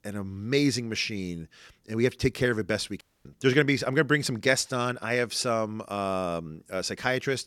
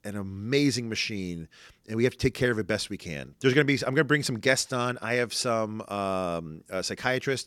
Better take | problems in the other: second | audio cutting out; at 3 s

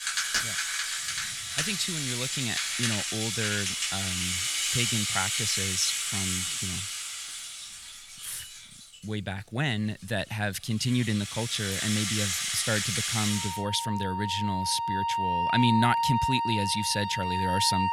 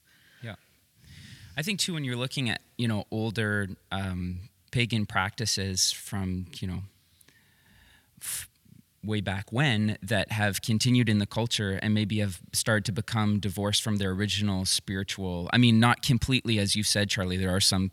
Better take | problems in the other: second | background music; very loud; throughout; 2 dB above the speech

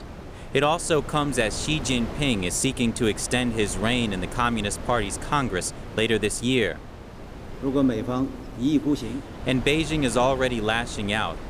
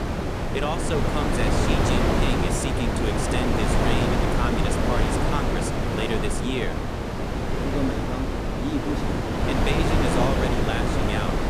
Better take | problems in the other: first | wind noise on the microphone; heavy; 4 dB above the speech; occasional gusts in the first

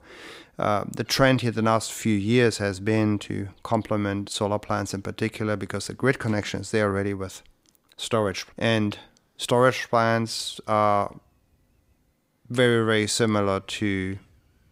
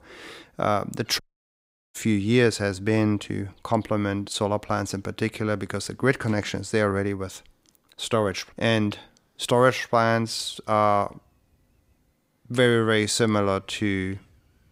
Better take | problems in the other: first | audio cutting out; at 1 s for 0.5 s

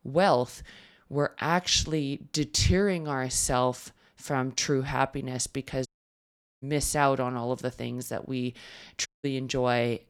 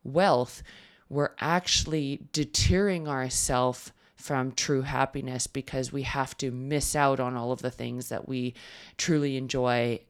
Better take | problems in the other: second | audio cutting out; at 6 s for 1 s and at 9 s

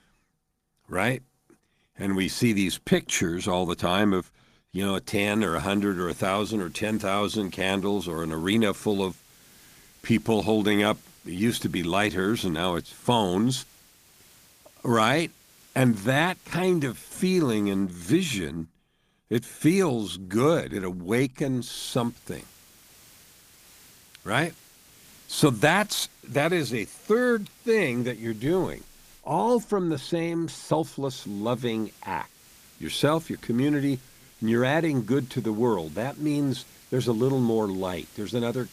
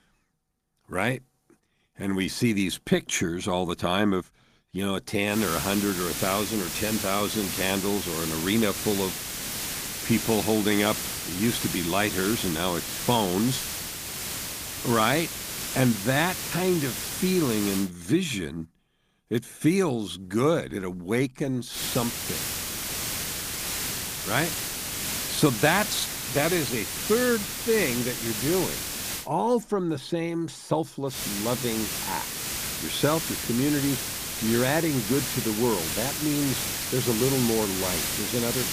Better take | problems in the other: first | hiss; loud; from 5.5 to 18 s, from 22 to 29 s and from 31 s on; 3 dB below the speech; faint in the first

